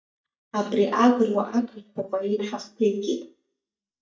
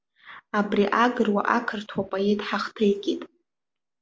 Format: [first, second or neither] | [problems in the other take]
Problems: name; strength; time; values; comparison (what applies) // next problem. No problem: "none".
second | noise reduction (neural mask model DeepFilterNet 3)